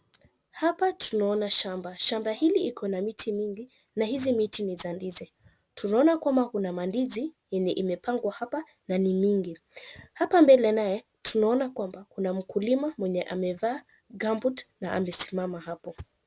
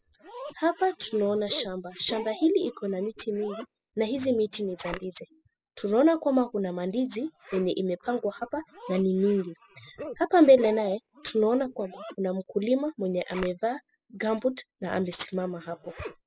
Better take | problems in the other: first | noise reduction (classical method spectral subtraction)

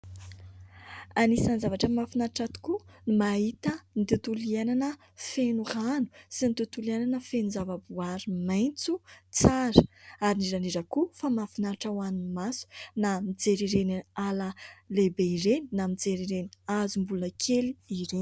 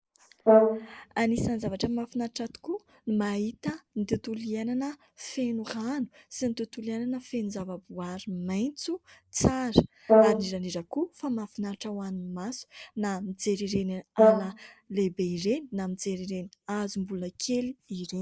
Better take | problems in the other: first | noise reduction (neural mask model Resemble Enhance denoiser)

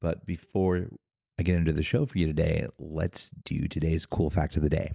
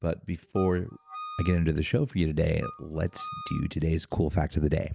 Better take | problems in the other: first | background sound (Wind instrument, woodwind instrument); 15 dB below the speech

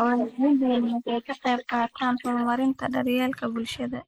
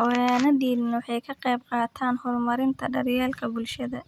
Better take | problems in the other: second | noise reduction (neural mask model Resemble Enhance denoiser)

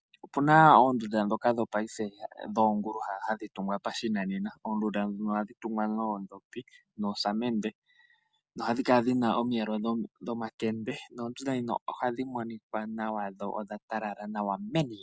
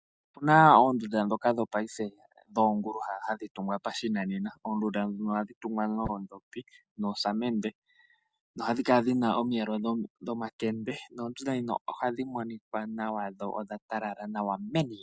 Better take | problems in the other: first | noise reduction (neural mask model DeepFilterNet 3)

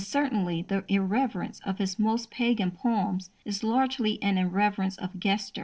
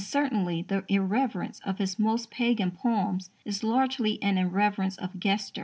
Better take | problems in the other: second | noise reduction (neural separator model SepFormer DNS4)

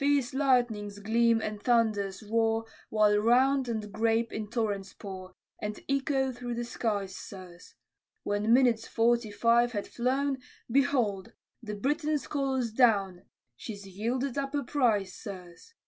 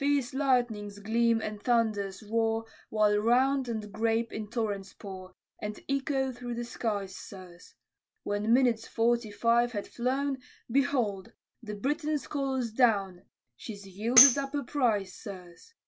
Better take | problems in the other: first | background sound (Tambourine); as loud as the speech

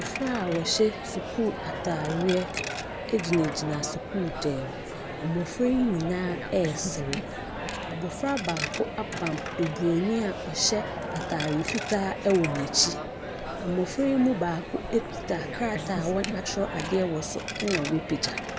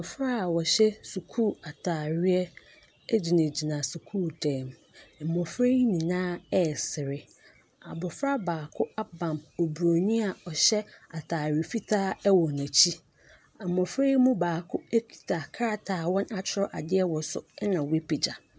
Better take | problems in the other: second | background sound (Coin (dropping)); 5 dB below the speech

